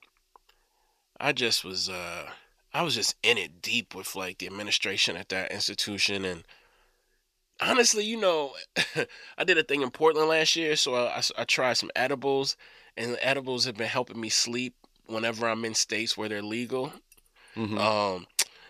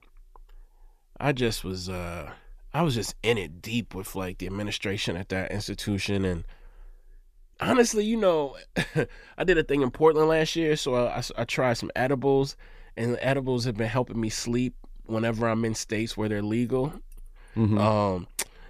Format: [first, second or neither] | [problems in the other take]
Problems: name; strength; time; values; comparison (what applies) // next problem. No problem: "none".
second | thin; somewhat; fading below 550 Hz